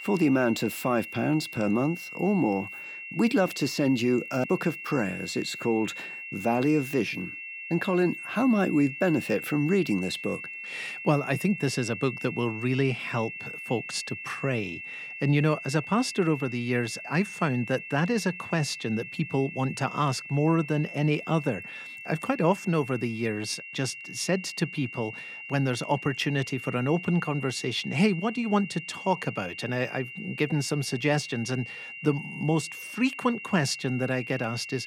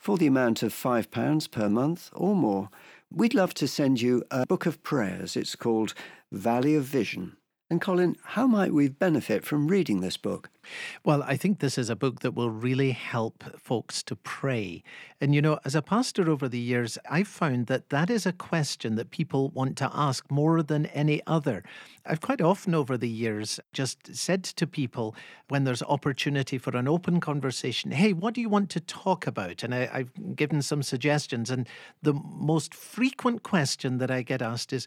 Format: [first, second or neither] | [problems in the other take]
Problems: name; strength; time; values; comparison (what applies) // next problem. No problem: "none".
second | high-pitched whine; loud; throughout; 2.5 kHz, 10 dB below the speech